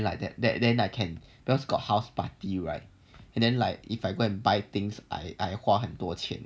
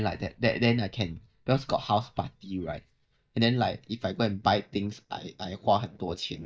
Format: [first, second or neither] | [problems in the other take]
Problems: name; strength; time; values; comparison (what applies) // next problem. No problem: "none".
first | noise reduction (neural mask model DeepFilterNet 3)